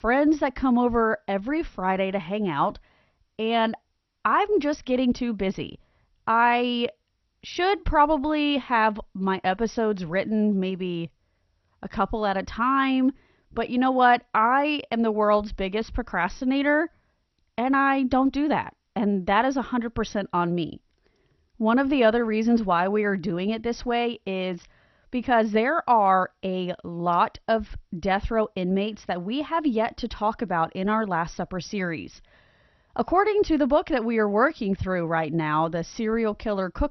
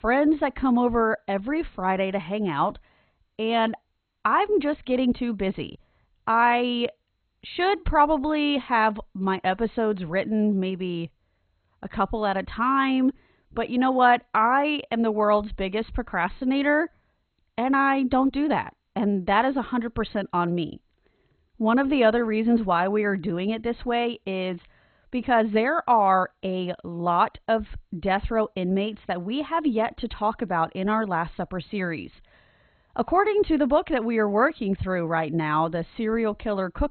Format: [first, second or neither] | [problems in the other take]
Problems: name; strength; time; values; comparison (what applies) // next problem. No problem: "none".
first | garbled, watery; badly; nothing above 4 kHz; slightly in the first